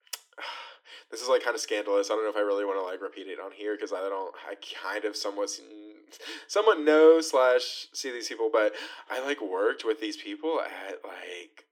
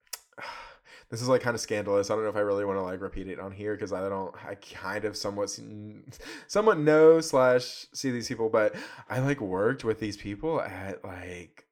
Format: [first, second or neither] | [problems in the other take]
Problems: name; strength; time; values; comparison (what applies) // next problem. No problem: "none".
second | thin; somewhat; fading below 300 Hz